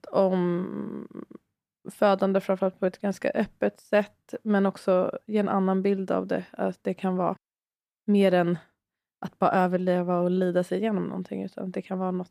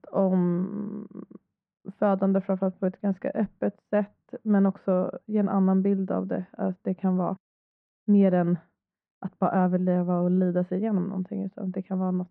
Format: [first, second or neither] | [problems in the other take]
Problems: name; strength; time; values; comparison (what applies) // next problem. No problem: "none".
first | muffled; very; fading above 1.5 kHz